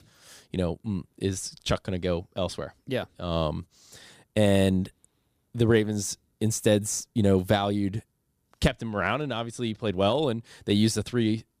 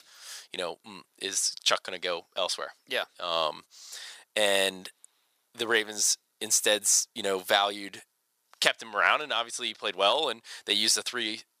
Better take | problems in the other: first | thin; very; fading below 900 Hz

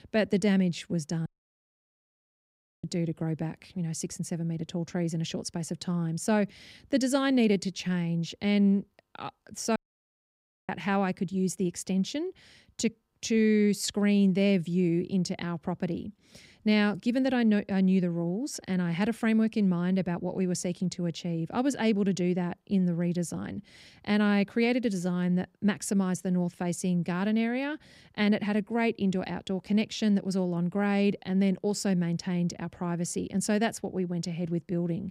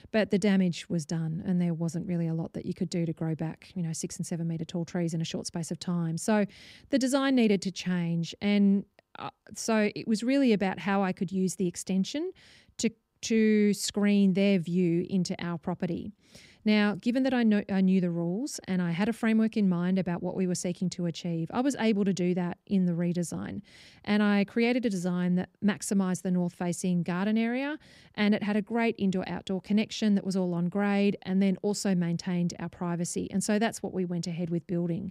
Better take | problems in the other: second | audio cutting out; at 1.5 s for 1.5 s and at 10 s for 1 s

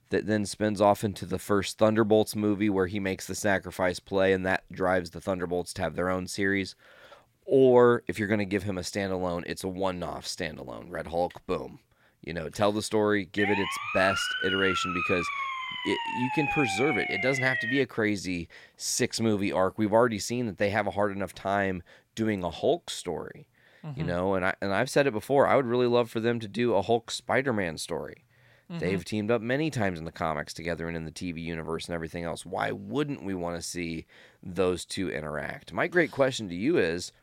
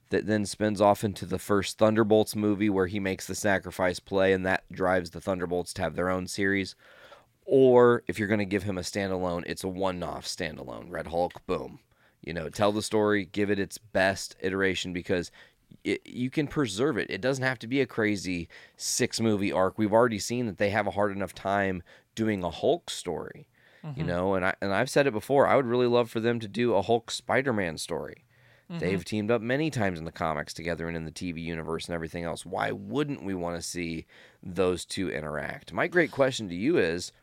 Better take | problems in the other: second | siren; loud; from 13 to 18 s; peak level with the speech

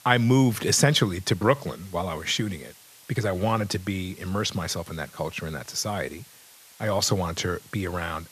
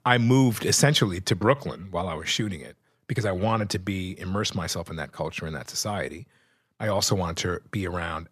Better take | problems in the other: second | hiss; faint; throughout; 25 dB below the speech

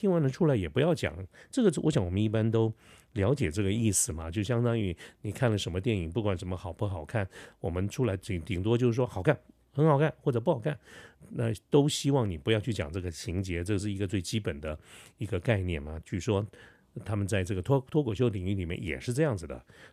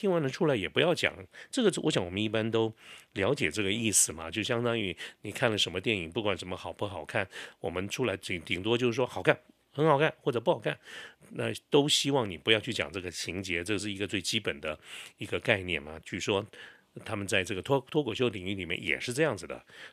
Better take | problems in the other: first | thin; very slightly; fading below 800 Hz

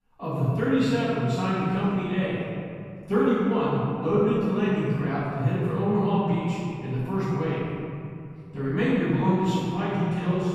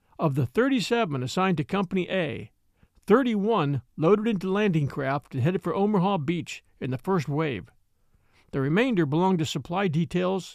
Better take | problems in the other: second | off-mic speech; far // room echo; strong; dies away in 2.8 s

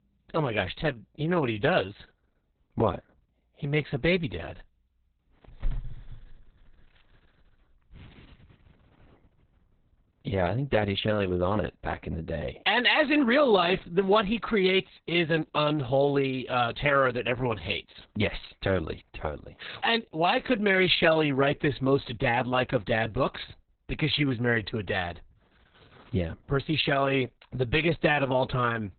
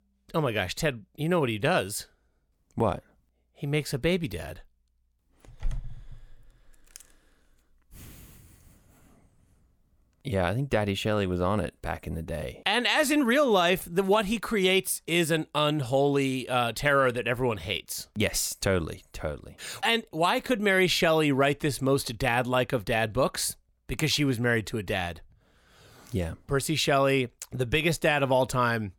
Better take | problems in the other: second | garbled, watery; badly; nothing above 4 kHz

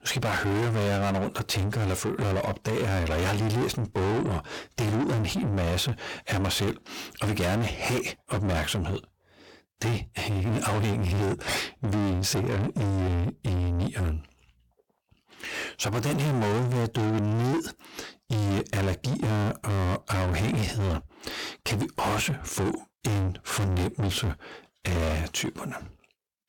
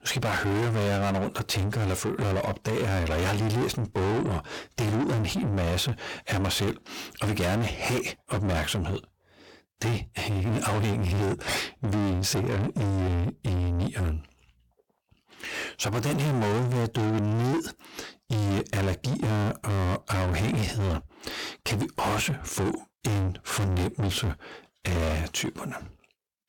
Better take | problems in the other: neither | distortion; heavy; 6 dB below the speech; the same in both

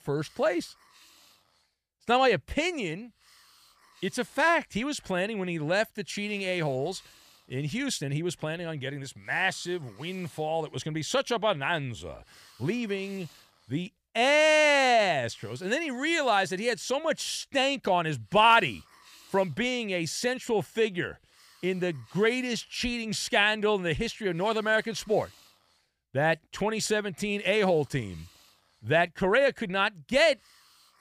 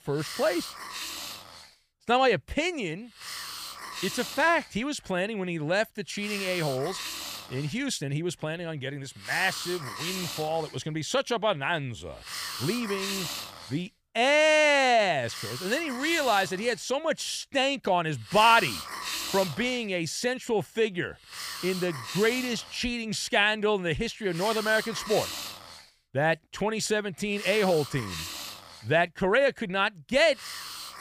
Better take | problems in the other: first | hiss; loud; throughout; 9 dB below the speech; faint in the first

